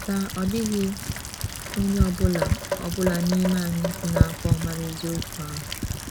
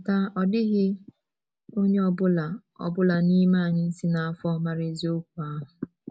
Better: second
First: background sound (Rain); 1 dB below the speech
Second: none

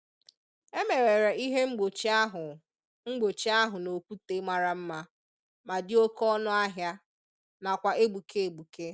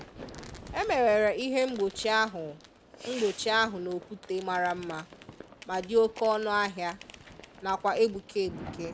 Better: first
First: none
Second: background sound (Fireworks); 17 dB below the speech

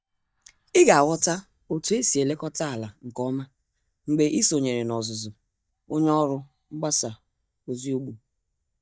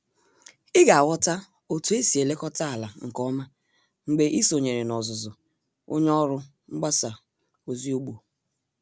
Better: second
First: noise reduction (neural mask model DeepFilterNet 3)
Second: none

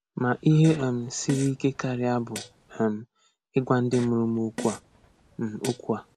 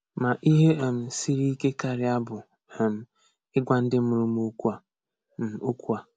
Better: second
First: background sound (Fart); 17 dB below the speech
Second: none

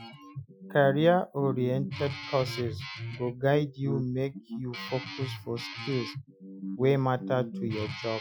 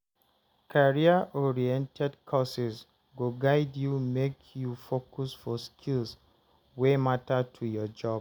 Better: second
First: noise reduction (classical method Wiener filter)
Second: none

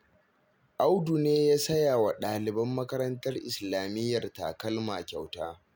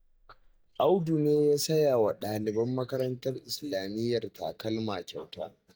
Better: first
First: none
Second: noise reduction (neural mask model DeepFilterNet 3)

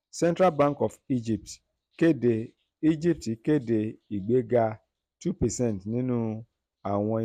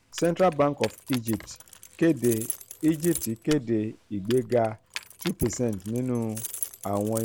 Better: first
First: none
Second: background sound (Keys jangling); 13 dB below the speech

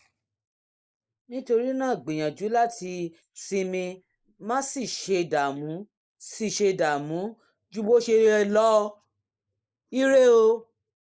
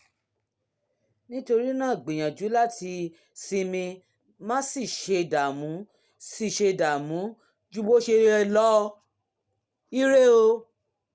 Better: second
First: noise reduction (neural mask model Resemble Enhance denoiser)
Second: none

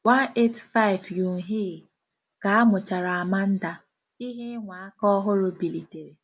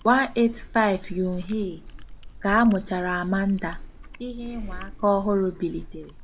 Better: first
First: none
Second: background sound (Chewing, mastication); 13 dB below the speech

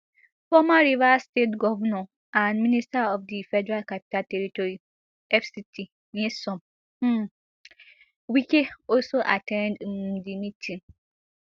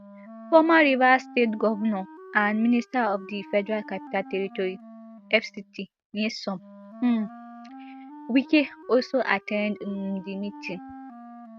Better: first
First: none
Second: noise reduction (neural mask model RNNoise)

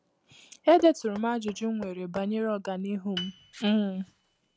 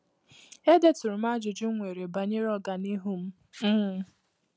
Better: second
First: background sound (Piano + Knock); 18 dB below the speech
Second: none

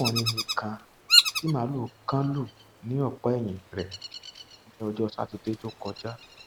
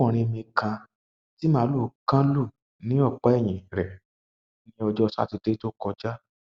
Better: second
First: background sound (Bird vocalization, bird call, bird song); as loud as the speech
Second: none

